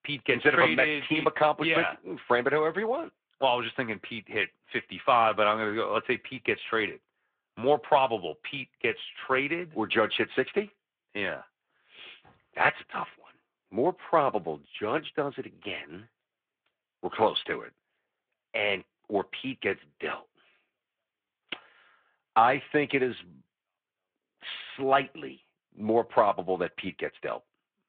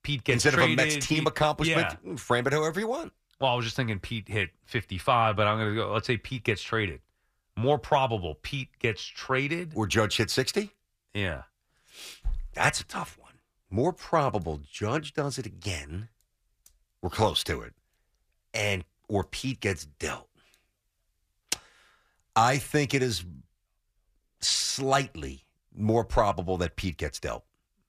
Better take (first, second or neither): second